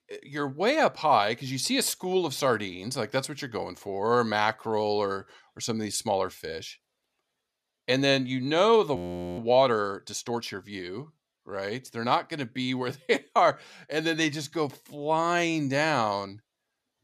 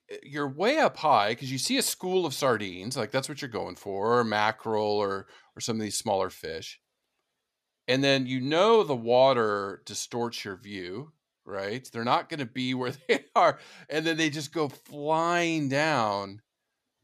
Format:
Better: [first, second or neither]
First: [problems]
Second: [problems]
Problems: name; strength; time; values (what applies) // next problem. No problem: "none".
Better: second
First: audio freezing; at 9 s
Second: none